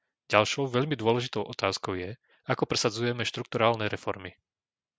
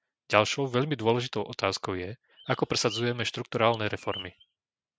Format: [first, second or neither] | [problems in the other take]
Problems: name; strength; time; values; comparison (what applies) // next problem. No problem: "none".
first | noise reduction (neural mask model RNNoise)